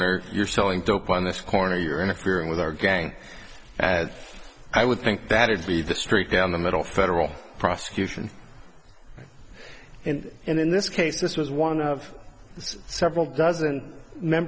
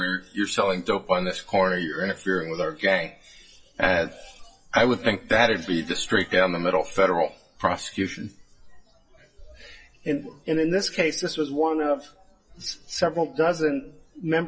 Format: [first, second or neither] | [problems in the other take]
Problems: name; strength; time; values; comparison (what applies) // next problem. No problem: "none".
first | noise reduction (classical method WPE with log-MMSE)